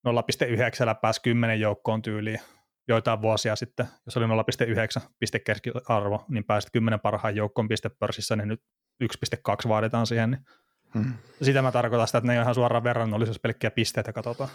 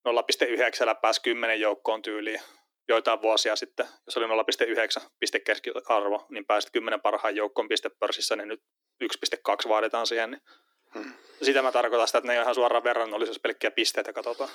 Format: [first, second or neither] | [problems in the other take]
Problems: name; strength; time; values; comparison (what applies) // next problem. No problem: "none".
first | thin; very; fading below 300 Hz